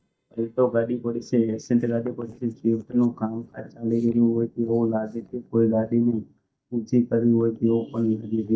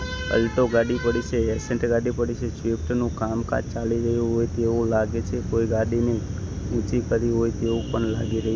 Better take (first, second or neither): second